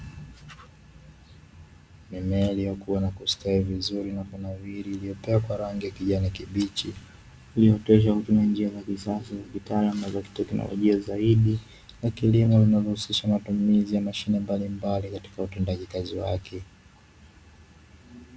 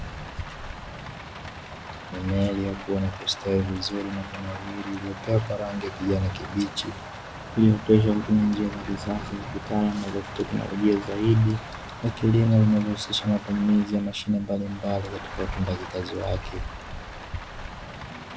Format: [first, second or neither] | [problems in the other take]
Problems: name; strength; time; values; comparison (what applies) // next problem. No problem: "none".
first | background sound (Rain); 11 dB below the speech